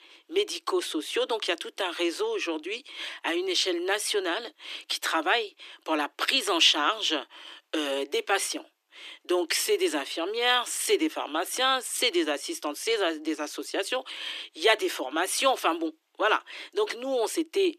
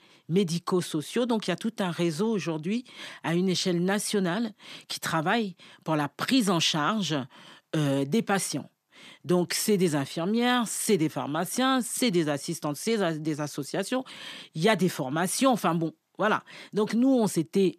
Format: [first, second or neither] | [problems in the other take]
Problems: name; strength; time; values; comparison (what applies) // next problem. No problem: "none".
second | thin; very; fading below 300 Hz